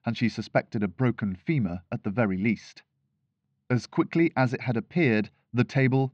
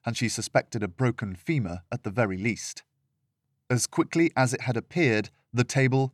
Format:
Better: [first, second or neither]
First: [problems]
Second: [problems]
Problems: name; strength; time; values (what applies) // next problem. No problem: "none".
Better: second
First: muffled; slightly; fading above 4 kHz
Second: none